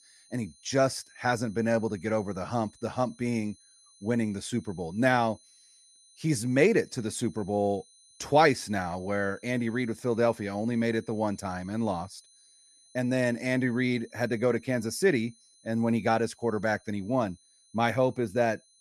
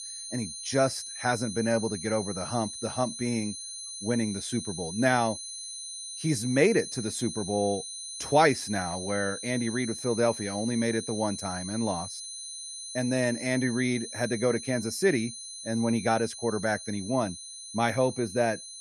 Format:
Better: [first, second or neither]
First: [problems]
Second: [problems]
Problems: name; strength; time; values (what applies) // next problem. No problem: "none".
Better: first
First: high-pitched whine; faint; throughout; 4 kHz, 30 dB below the speech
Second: high-pitched whine; loud; throughout; 4 kHz, 8 dB below the speech